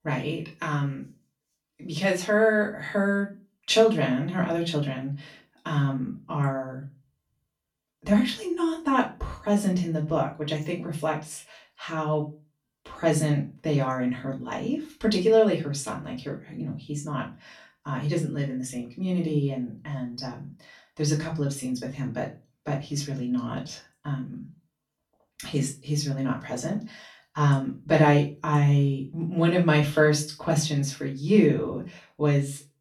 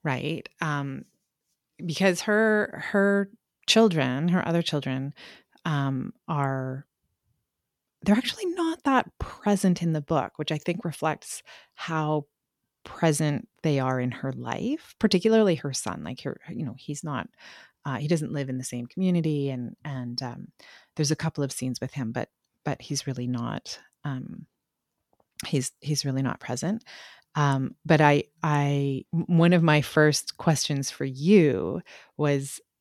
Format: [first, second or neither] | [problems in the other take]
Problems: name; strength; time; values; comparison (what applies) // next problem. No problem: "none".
second | off-mic speech; far // room echo; very slight; dies away in 0.3 s